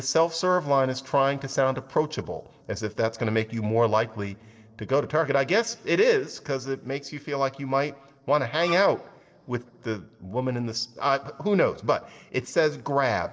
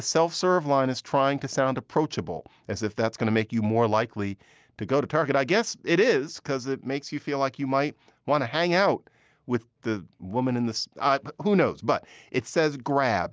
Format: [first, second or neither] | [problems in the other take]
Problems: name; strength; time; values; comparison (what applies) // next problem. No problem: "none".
second | noise reduction (neural separator model SepFormer DNS4)